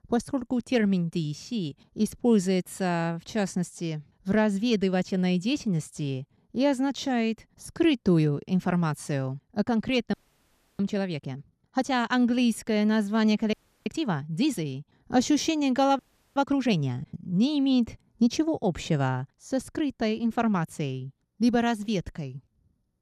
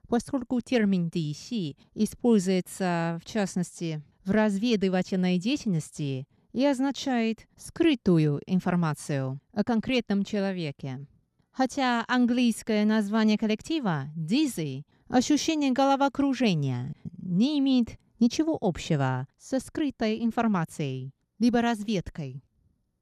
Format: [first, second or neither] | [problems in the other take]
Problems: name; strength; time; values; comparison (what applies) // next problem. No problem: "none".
second | audio freezing; at 10 s for 0.5 s, at 14 s and at 16 s